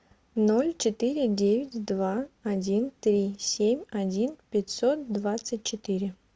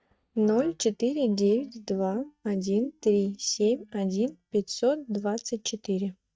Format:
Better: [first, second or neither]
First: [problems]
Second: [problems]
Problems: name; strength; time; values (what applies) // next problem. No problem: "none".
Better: first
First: none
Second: noise reduction (neural mask model DeepFilterNet 3)